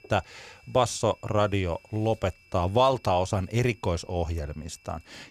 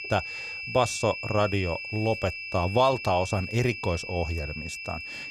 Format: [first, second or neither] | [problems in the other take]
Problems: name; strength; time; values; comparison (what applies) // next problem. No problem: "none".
first | high-pitched whine; loud; throughout; 2.5 kHz, 7 dB below the speech; faint in the first